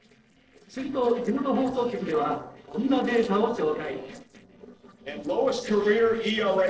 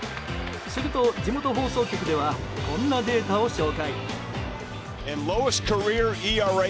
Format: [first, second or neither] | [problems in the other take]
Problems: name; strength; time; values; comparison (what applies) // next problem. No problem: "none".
second | noise reduction (neural separator model SepFormer DNS4)